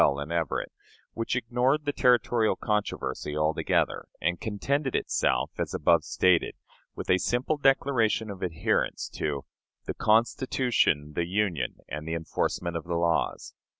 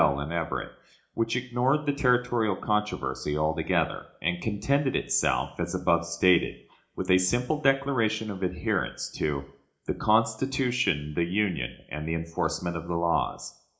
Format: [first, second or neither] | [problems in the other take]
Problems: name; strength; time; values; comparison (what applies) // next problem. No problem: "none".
first | room echo; dies away in 0.4 s